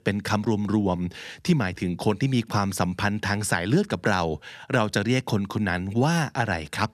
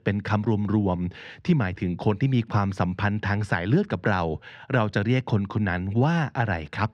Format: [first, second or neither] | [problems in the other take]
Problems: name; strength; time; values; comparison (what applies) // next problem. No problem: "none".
first | muffled; slightly; fading above 3 kHz